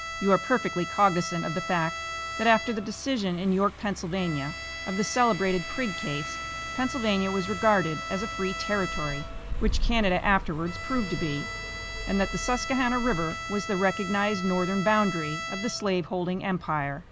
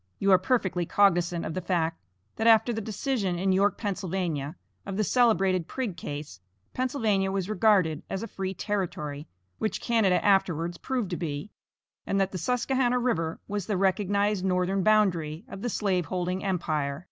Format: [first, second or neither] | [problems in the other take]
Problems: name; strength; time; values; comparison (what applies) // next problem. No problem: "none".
second | background sound (Car passing by + Bowed string instrument); 6 dB below the speech